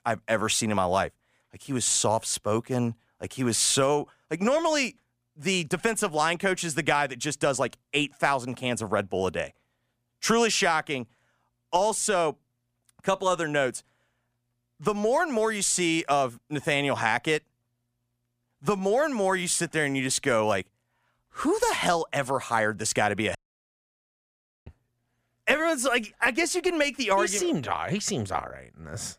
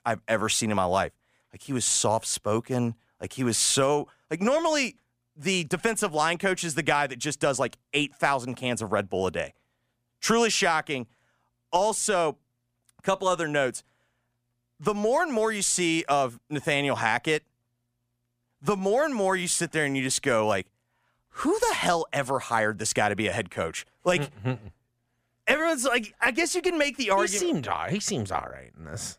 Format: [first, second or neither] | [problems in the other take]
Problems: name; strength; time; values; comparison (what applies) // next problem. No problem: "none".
second | audio cutting out; at 23 s for 1.5 s